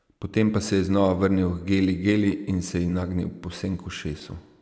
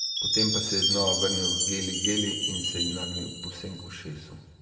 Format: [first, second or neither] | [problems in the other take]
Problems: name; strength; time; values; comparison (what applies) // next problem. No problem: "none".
first | background sound (Chime); 3 dB above the speech // room echo; dies away in 1.3 s